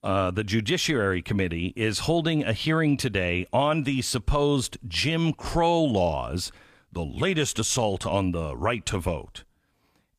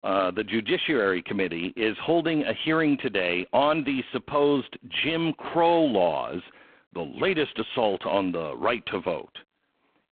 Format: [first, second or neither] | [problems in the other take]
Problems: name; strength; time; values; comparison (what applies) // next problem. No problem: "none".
first | phone-call audio; poor line